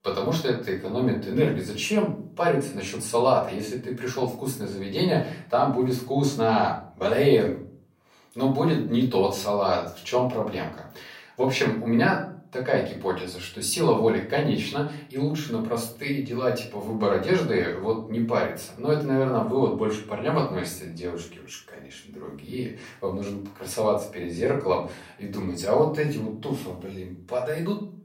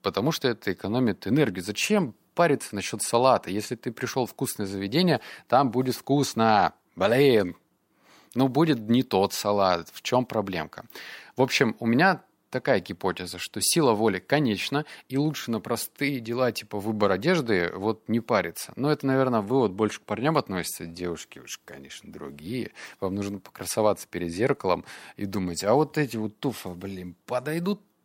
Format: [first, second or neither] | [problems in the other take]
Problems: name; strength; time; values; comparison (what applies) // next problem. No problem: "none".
second | off-mic speech; far // room echo; slight; dies away in 0.4 s